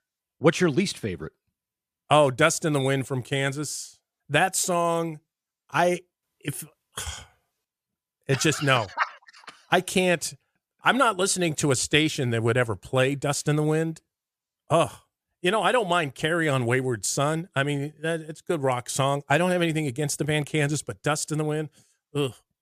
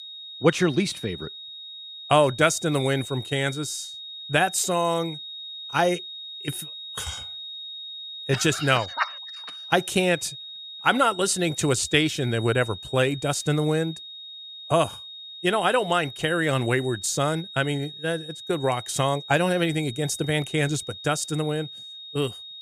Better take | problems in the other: first | high-pitched whine; noticeable; throughout; 3.5 kHz, 10 dB below the speech

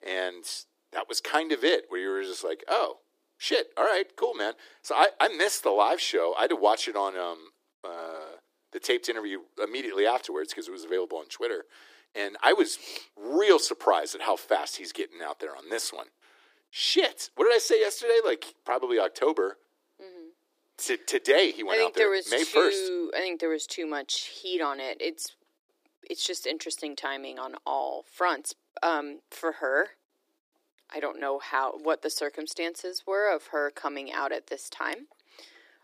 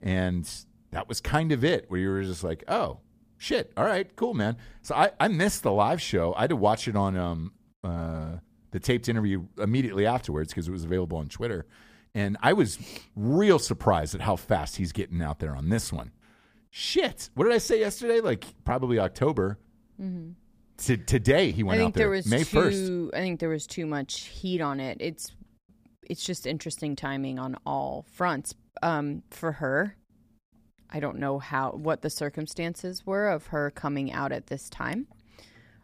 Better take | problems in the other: second | thin; very; fading below 300 Hz

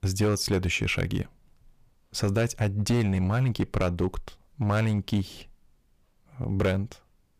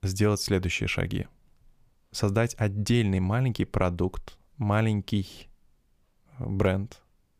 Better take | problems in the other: second | distortion; slight; 4% of the sound clipped

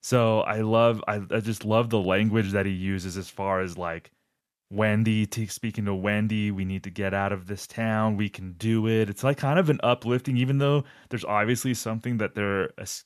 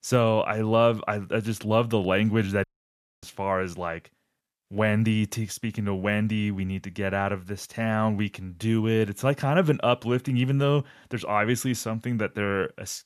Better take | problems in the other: first | audio cutting out; at 2.5 s for 0.5 s

